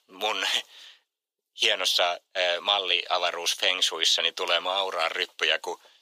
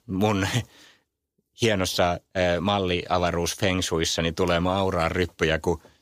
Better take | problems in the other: second | thin; very; fading below 550 Hz

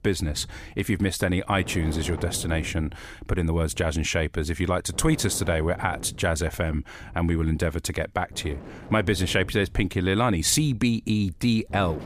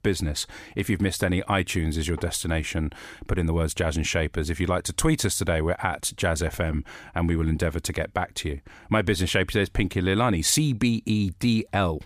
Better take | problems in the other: second | wind noise on the microphone; occasional gusts; 15 dB below the speech

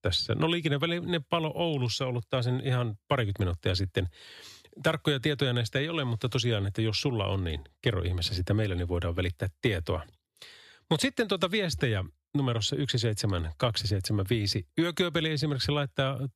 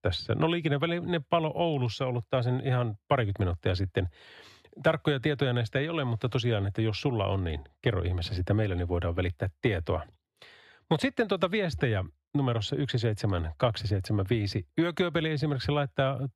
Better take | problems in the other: first | muffled; slightly; fading above 3.5 kHz

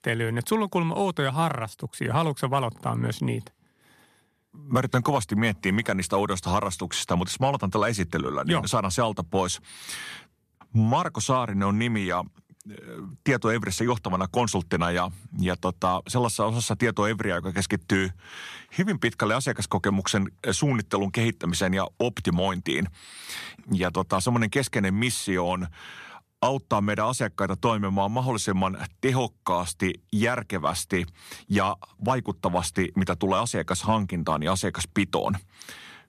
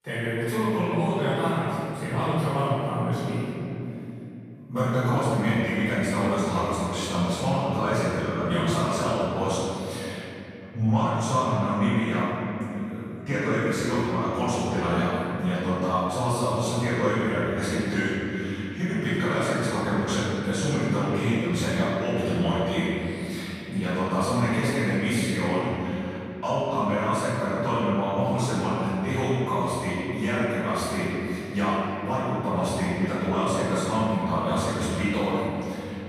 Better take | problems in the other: first | off-mic speech; far // room echo; strong; dies away in 3 s

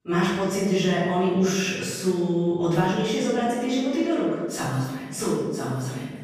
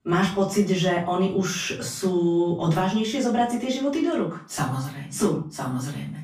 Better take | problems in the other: second | room echo; strong; dies away in 1.2 s; slight in the second // off-mic speech; far; far in the second

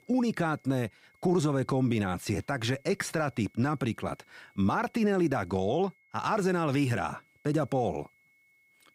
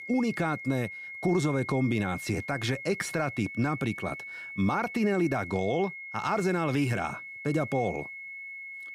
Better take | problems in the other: first | high-pitched whine; loud; throughout; 2 kHz, 9 dB below the speech; faint in the first

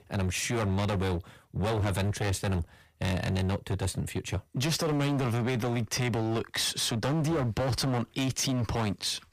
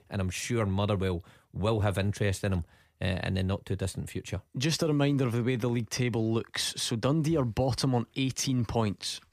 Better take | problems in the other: second | distortion; heavy; 24% of the sound clipped

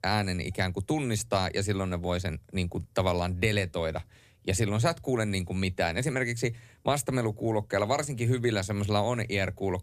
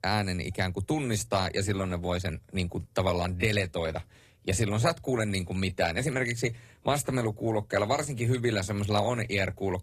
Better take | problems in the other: first | garbled, watery; slightly; nothing above 14.5 kHz

